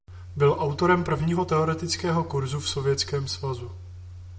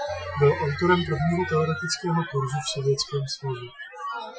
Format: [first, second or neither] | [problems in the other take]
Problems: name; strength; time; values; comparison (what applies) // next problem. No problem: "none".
first | noise reduction (classical method Wiener filter)